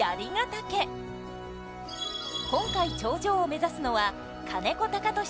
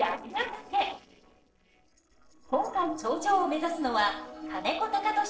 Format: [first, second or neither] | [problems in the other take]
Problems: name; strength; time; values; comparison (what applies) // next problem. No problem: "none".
first | noise reduction (neural separator model SepFormer DNS4)